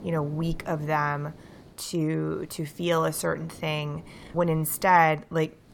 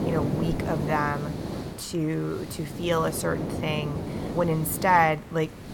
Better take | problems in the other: first | hiss; loud; throughout; 6 dB below the speech; faint in the first

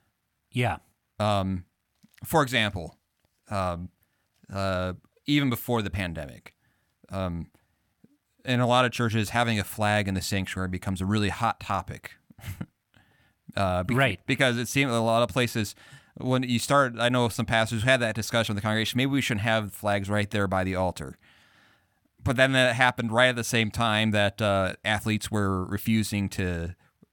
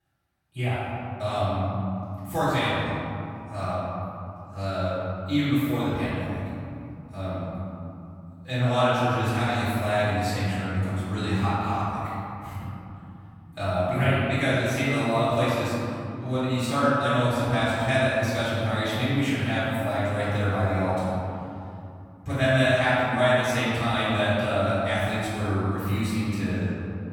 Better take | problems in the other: first | room echo; strong; dies away in 2.9 s // off-mic speech; far

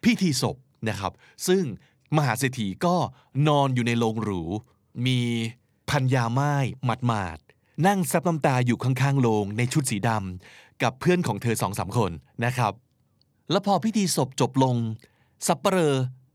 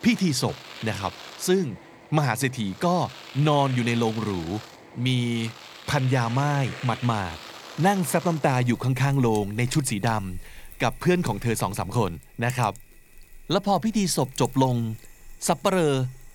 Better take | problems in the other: first | household noises; noticeable; throughout; 15 dB below the speech

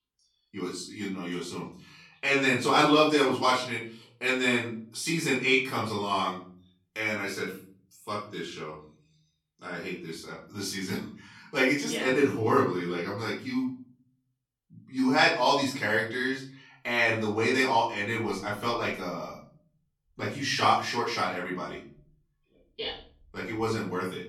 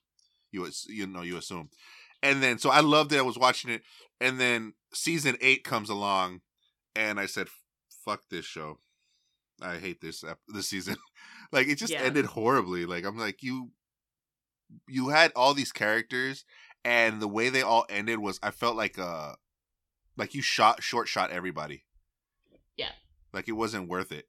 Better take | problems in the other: second | off-mic speech; far // room echo; slight; dies away in 0.5 s

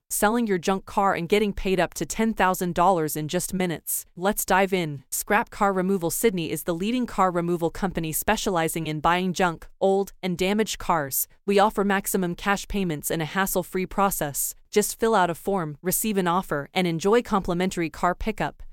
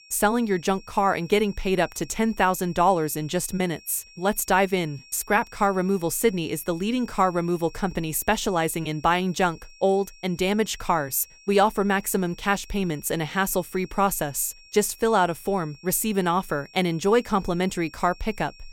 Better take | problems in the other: first | high-pitched whine; faint; throughout; 5.5 kHz, 25 dB below the speech

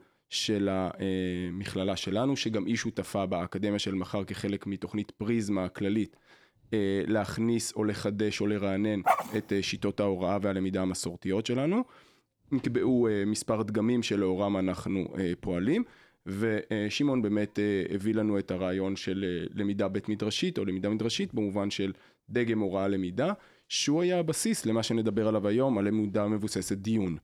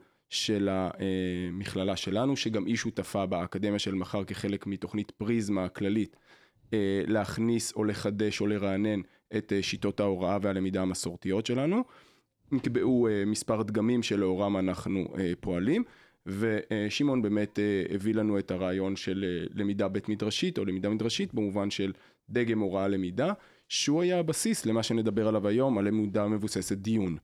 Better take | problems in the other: second | dog barking; loud; at 9 s; peak 2 dB above the speech

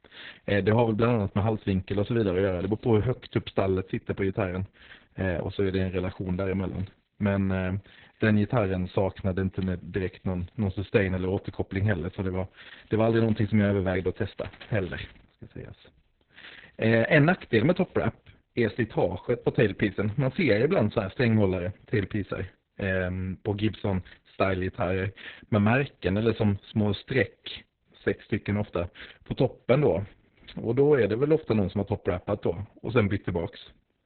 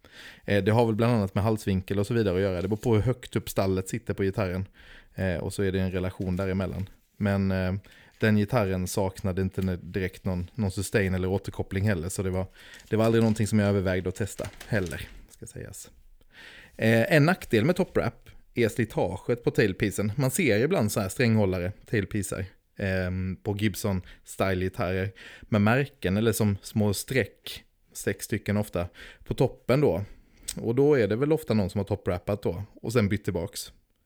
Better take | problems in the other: second | garbled, watery; badly; nothing above 4 kHz

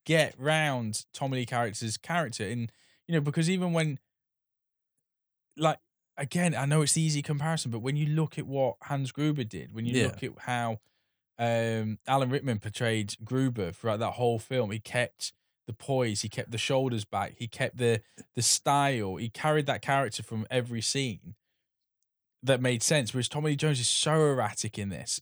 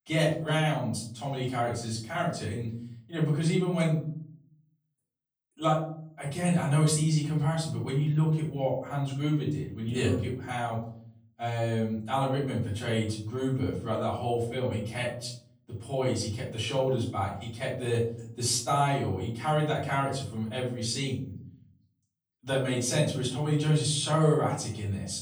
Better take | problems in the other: first | off-mic speech; far // room echo; noticeable; dies away in 0.6 s

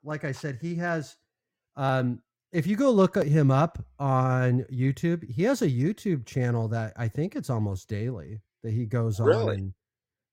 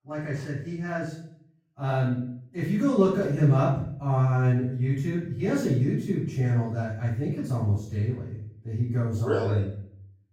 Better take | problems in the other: first | off-mic speech; far // room echo; noticeable; dies away in 0.5 s

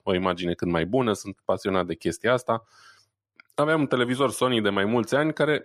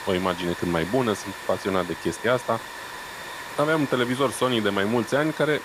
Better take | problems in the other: first | hiss; noticeable; throughout; 10 dB below the speech

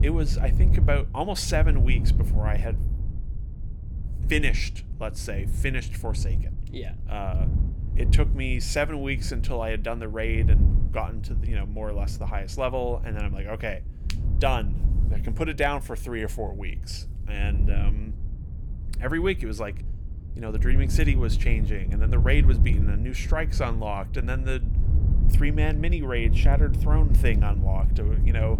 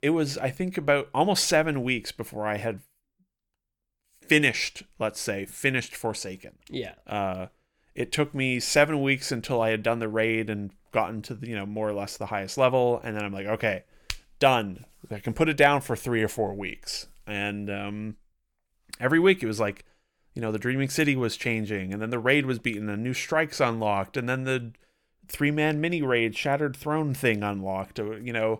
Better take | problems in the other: second | wind noise on the microphone; occasional gusts; 10 dB below the speech

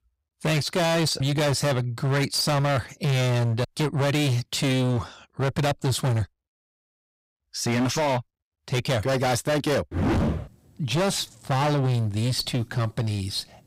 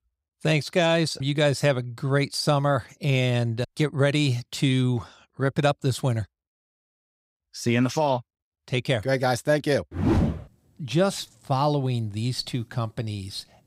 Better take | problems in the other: second | distortion; heavy; 25% of the sound clipped

